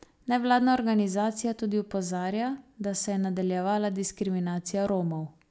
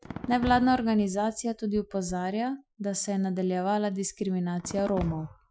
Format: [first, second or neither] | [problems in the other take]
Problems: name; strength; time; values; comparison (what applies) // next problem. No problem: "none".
first | noise reduction (classical method Wiener filter)